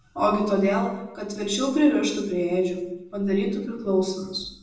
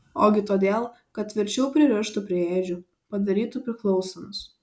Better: second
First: room echo; dies away in 0.7 s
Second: none

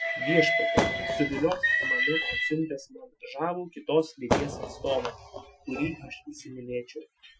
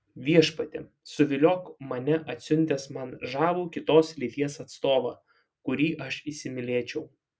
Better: second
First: noise reduction (classical method Wiener filter)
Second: none

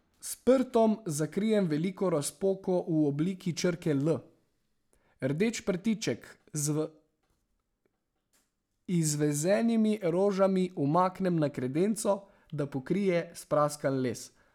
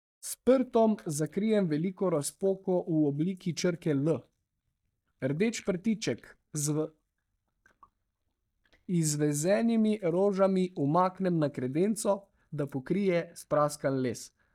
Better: first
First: none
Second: noise reduction (neural mask model DeepFilterNet 3)

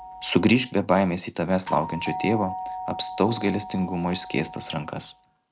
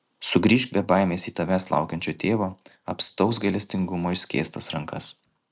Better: second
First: background sound (Doorbell); 11 dB below the speech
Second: none

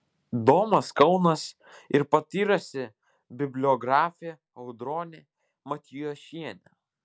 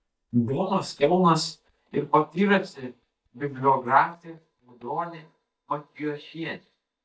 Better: first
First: none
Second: noise reduction (neural mask model DeepFilterNet 3)

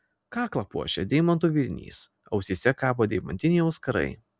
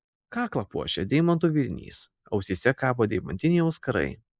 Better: first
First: none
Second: noise reduction (neural mask model Resemble Enhance denoiser)

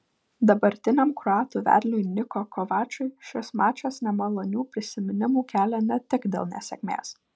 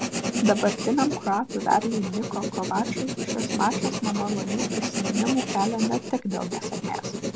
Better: first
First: none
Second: background sound (Writing); 3 dB below the speech

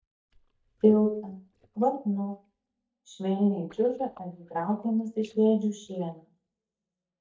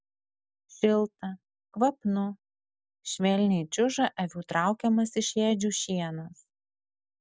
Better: second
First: noise reduction (neural mask model DeepFilterNet 3)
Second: none

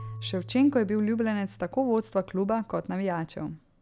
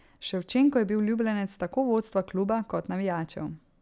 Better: second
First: background sound (Marimba, xylophone / Wood); 18 dB below the speech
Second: none

